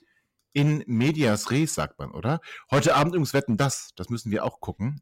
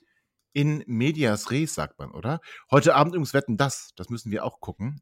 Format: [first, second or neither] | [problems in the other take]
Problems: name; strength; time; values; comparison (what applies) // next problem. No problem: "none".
second | distortion; heavy; 5% of the sound clipped